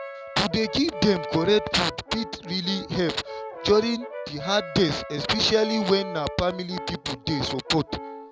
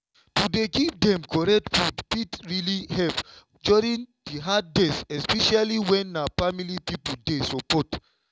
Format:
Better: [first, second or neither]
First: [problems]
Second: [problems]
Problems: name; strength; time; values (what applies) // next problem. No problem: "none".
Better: second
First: background sound (Brass instrument); 11 dB below the speech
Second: none